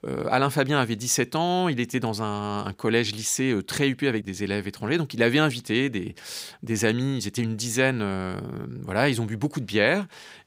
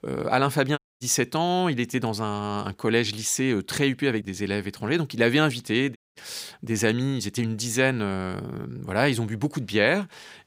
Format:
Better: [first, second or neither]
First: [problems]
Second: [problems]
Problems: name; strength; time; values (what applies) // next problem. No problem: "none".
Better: first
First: none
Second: audio cutting out; at 1 s and at 6 s